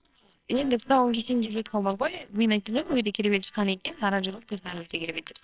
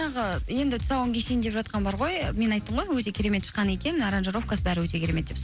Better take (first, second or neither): second